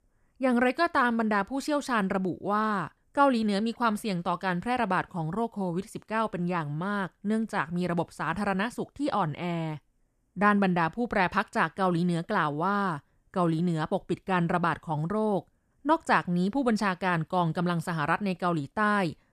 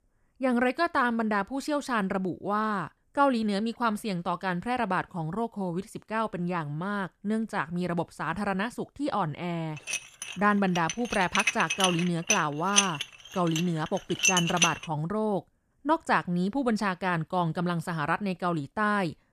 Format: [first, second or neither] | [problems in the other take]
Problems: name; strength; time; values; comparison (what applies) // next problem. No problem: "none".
first | clattering dishes; loud; from 10 to 15 s; peak 5 dB above the speech